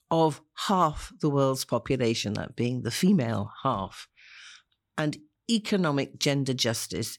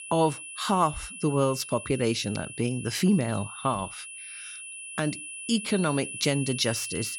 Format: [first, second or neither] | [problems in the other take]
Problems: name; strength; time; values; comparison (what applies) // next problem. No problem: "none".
first | high-pitched whine; loud; throughout; 2.5 kHz, 10 dB below the speech